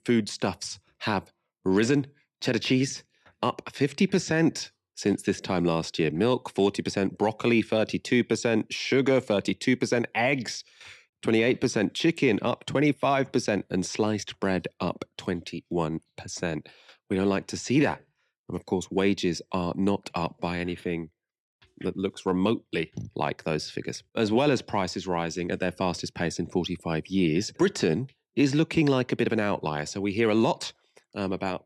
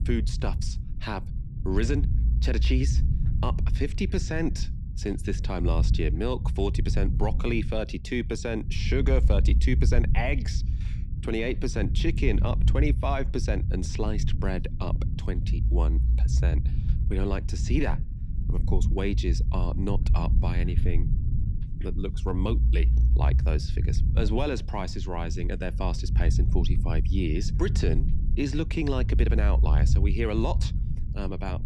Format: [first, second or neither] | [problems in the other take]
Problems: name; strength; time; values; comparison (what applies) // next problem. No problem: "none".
first | low rumble; noticeable; throughout; 10 dB below the speech